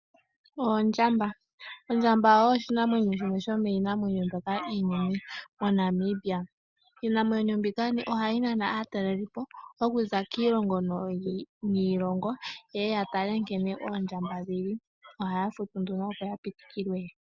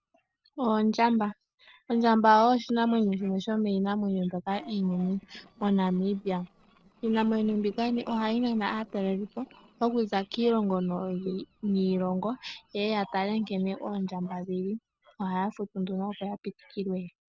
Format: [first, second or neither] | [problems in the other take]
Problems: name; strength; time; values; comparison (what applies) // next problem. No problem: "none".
first | noise reduction (neural separator model SepFormer DNS4)